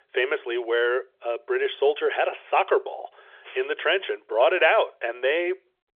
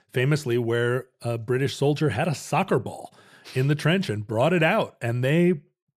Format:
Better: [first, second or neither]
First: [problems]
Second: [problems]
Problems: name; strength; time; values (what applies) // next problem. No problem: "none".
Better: second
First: phone-call audio; nothing above 3.5 kHz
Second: none